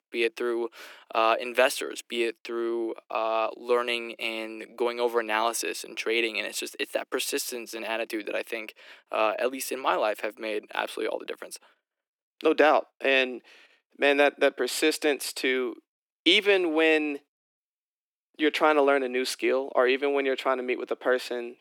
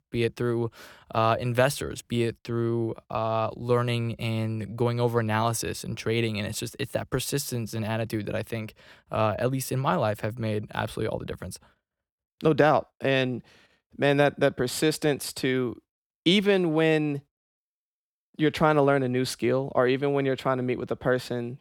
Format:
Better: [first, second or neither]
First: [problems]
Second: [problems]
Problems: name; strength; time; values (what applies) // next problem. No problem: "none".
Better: second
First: thin; somewhat; fading below 300 Hz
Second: none